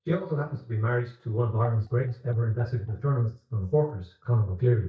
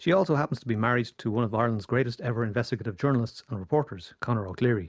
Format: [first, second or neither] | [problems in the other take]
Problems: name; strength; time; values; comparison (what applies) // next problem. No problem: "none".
second | noise reduction (neural mask model DeepFilterNet 3)